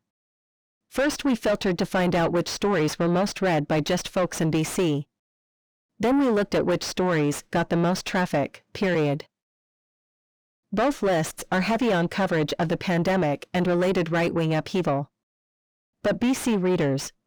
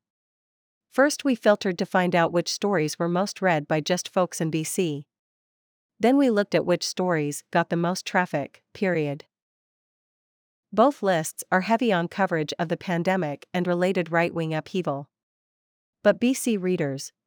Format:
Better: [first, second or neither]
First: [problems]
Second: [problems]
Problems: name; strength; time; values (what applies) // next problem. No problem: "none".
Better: second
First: distortion; heavy; 5 dB below the speech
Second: none